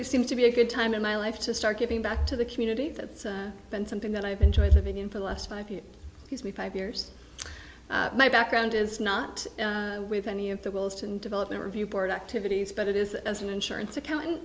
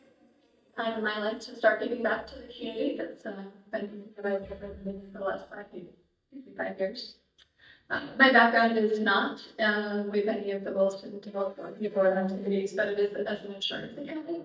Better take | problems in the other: first | noise reduction (neural mask model DeepFilterNet 3)

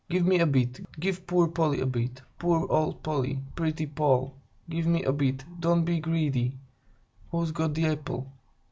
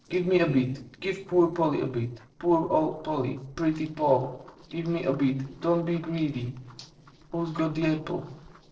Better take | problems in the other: first | noise reduction (neural separator model SepFormer DNS4)

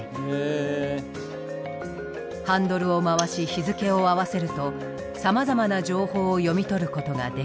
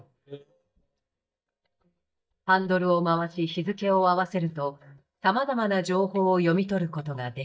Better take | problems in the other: first | noise reduction (neural mask model DeepFilterNet 3)

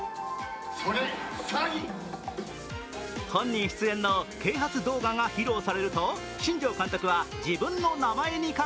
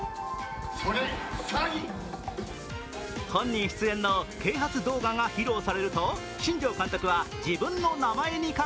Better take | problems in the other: first | background sound (Computer keyboard); 14 dB below the speech

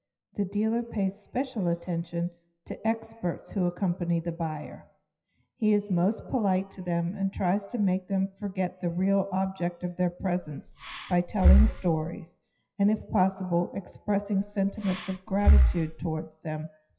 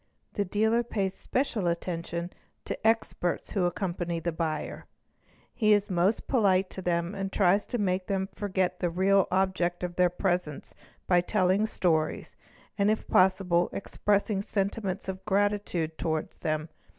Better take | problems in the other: second | noise reduction (classical method WPE with log-MMSE)

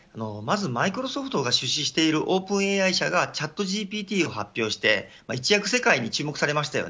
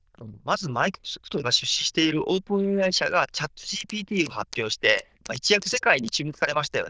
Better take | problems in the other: first | noise reduction (neural diffusion model UNIVERSE++)

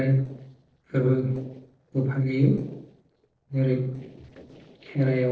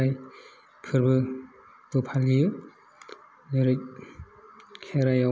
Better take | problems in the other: second | noise reduction (neural separator model SepFormer DNS4)

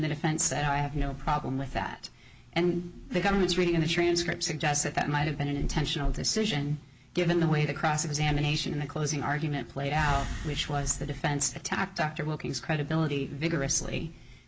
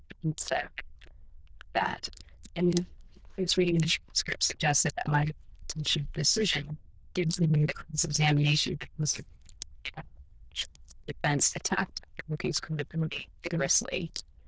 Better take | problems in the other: first | noise reduction (neural diffusion model UNIVERSE++)

